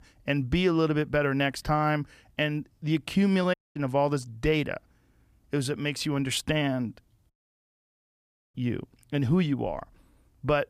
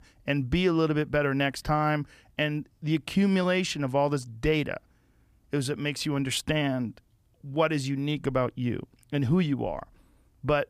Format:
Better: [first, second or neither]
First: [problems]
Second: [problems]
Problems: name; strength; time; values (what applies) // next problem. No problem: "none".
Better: second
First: audio cutting out; at 3.5 s and at 7.5 s for 1 s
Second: none